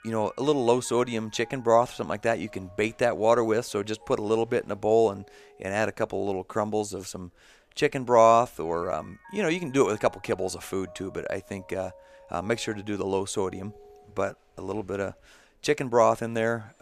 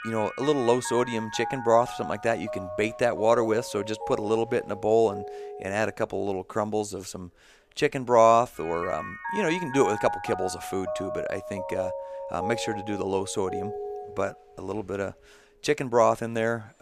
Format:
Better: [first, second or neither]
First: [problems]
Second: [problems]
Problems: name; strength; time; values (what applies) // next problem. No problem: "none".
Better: first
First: background music; faint; throughout; 25 dB below the speech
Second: background music; loud; throughout; 9 dB below the speech